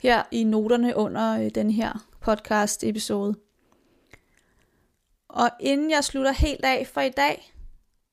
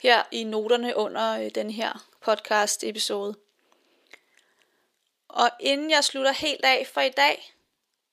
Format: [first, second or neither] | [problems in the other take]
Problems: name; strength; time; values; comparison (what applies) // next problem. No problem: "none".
first | thin; somewhat; fading below 450 Hz